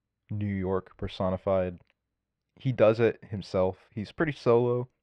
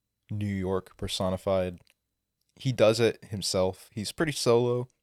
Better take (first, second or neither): second